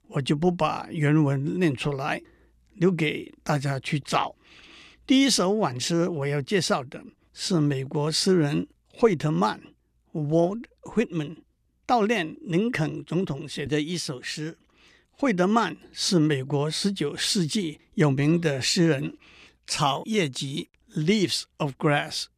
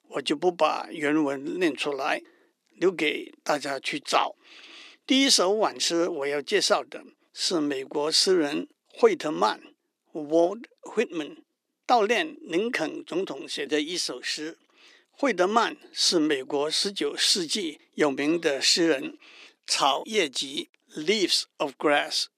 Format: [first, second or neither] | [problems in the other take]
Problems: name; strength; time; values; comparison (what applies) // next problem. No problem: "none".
first | thin; somewhat; fading below 300 Hz